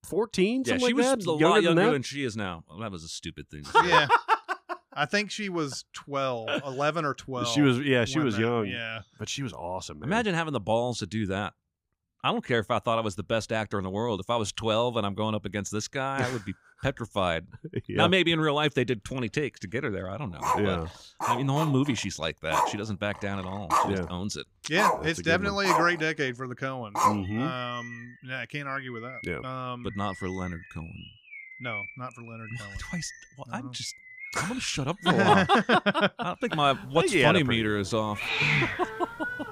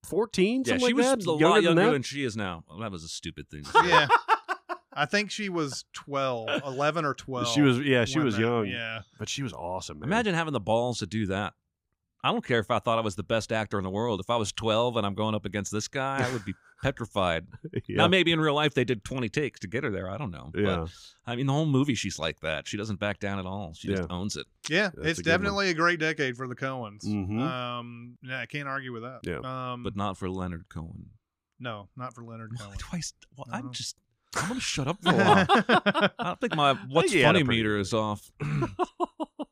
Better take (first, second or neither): second